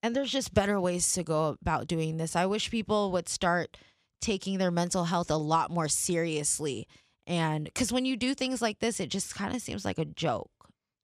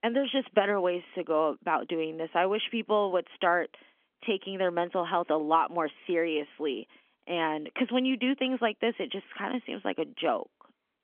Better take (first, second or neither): first